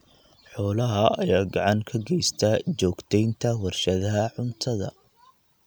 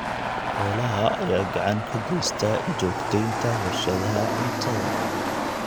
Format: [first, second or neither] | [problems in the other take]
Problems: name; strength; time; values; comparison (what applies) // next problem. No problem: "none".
first | background sound (Aircraft + Fireworks); 1 dB below the speech